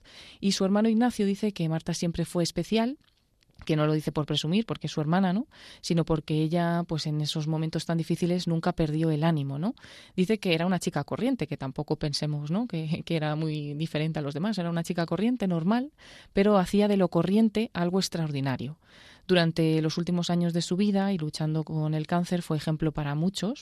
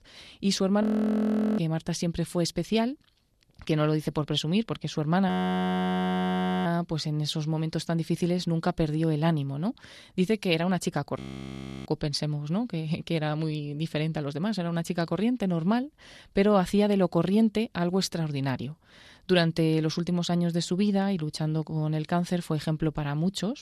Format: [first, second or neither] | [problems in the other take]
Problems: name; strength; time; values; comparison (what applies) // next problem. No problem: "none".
first | audio freezing; at 1 s for 1 s, at 5.5 s for 1.5 s and at 11 s for 0.5 s